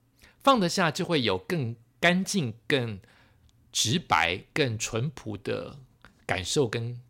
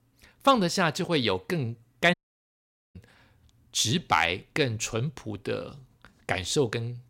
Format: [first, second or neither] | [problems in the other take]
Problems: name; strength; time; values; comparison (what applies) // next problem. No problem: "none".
first | audio cutting out; at 2 s for 1 s